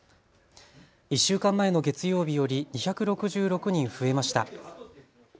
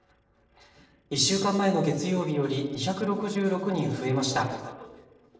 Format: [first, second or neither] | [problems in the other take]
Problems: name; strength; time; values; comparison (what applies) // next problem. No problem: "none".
first | noise reduction (neural separator model SepFormer DNS4)